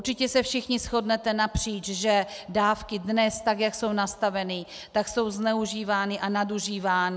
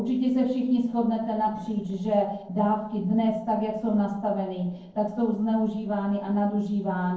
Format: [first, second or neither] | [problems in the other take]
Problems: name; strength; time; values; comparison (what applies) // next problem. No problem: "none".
first | noise reduction (neural separator model SepFormer DNS4)